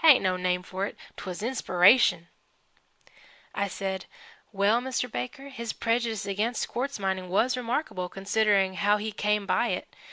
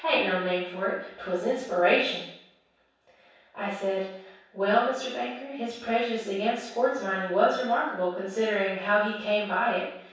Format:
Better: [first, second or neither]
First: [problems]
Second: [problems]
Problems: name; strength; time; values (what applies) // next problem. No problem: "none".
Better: first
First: none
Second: room echo; dies away in 0.7 s